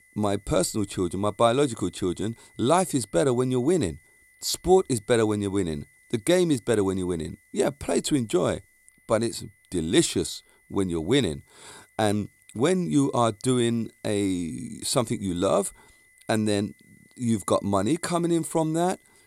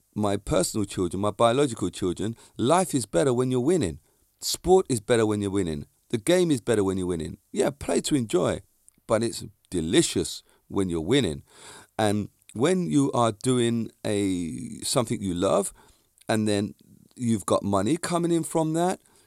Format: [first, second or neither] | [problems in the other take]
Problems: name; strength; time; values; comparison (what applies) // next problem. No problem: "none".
second | high-pitched whine; faint; throughout; 2 kHz, 30 dB below the speech